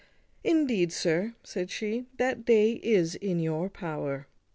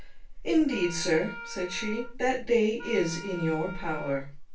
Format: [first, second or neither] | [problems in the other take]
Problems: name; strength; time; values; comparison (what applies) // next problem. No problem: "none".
first | background sound (Wind instrument, woodwind instrument); 15 dB below the speech // room echo; dies away in 0.2 s